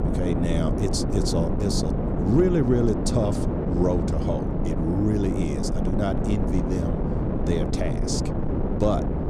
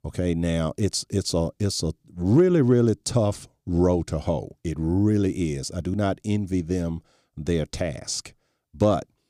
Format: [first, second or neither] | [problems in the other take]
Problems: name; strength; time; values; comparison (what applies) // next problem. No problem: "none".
second | wind noise on the microphone; heavy; 2 dB below the speech